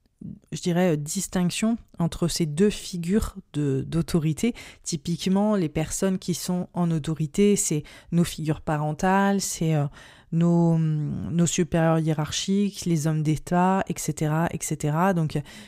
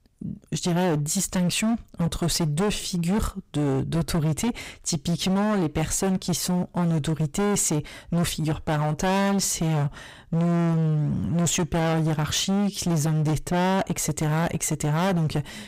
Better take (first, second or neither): first